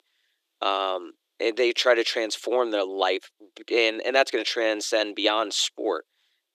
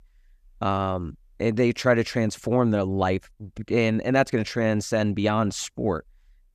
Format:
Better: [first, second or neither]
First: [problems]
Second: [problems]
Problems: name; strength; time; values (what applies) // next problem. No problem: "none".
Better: second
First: thin; very; fading below 300 Hz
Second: none